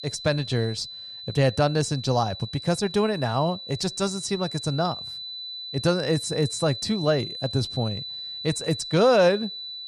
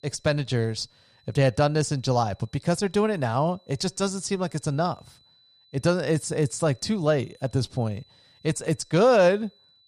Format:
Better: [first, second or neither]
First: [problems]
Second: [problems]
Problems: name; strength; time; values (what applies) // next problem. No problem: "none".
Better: second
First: high-pitched whine; loud; throughout; 4 kHz, 9 dB below the speech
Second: high-pitched whine; faint; throughout; 4 kHz, 35 dB below the speech